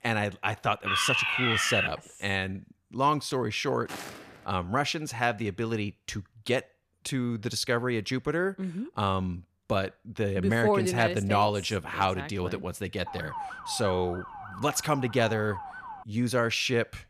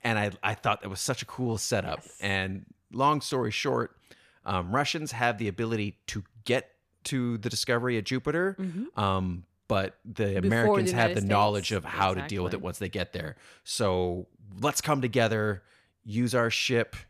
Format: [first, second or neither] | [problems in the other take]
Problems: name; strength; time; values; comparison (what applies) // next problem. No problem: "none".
second | alarm; loud; from 1 to 2 s; peak 5 dB above the speech // footsteps; faint; at 4 s; peak 10 dB below the speech // siren; noticeable; from 13 to 16 s; peak 8 dB below the speech